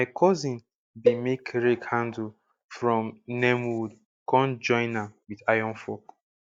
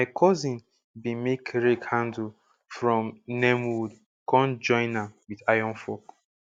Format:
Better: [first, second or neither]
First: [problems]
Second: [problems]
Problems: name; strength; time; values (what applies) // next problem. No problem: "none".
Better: second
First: noise reduction (neural mask model DeepFilterNet 3)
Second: none